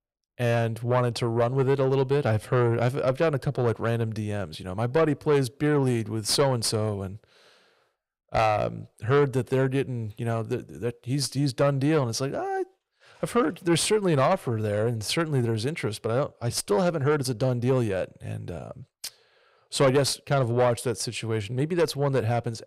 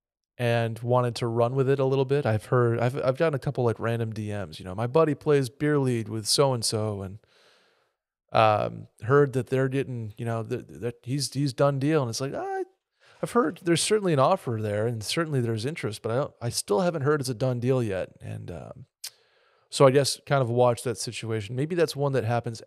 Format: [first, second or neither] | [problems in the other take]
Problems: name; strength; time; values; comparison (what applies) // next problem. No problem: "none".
second | distortion; slight; 10 dB below the speech